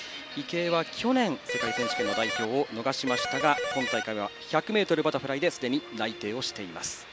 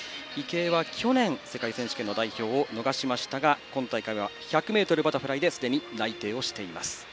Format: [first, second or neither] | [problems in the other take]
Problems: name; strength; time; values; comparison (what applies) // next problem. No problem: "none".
second | background sound (Electric guitar); 2 dB below the speech